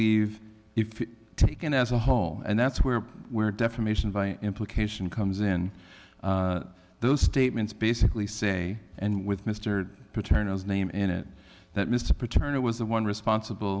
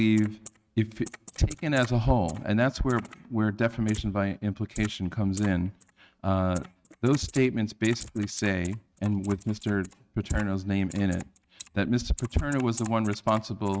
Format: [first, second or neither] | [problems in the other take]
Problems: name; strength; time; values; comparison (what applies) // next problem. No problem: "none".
first | noise reduction (neural mask model RNNoise)